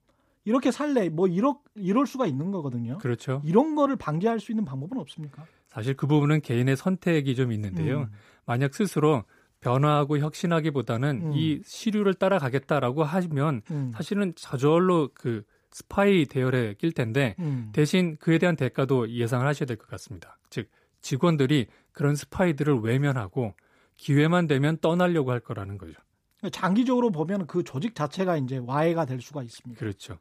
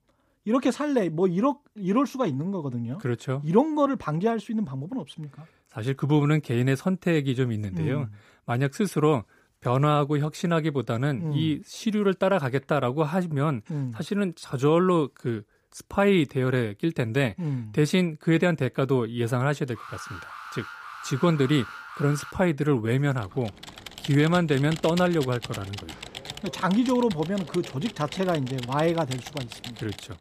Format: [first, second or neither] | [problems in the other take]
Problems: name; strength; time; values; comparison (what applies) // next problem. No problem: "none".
first | alarm; faint; from 20 to 22 s; peak 15 dB below the speech // keyboard typing; noticeable; from 23 s on; peak 10 dB below the speech